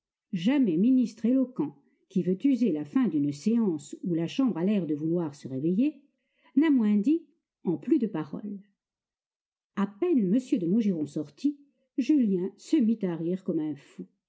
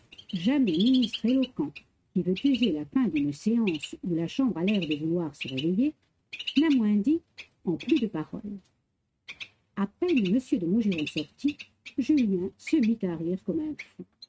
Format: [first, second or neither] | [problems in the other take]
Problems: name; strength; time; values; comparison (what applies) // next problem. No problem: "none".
first | noise reduction (neural mask model RNNoise)